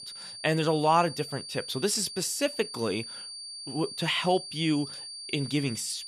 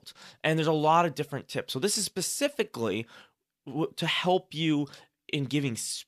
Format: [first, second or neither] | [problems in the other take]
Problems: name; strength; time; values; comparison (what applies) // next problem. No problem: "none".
second | high-pitched whine; loud; throughout; 4.5 kHz, 10 dB below the speech